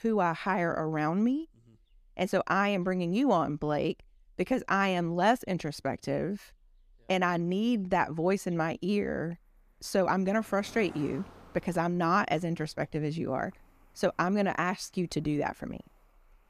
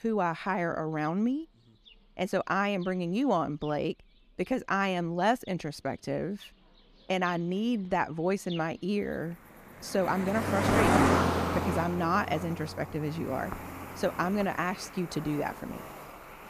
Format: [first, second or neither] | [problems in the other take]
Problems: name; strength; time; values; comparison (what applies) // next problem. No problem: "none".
first | animal sounds; loud; throughout; 1 dB below the speech; faint in the first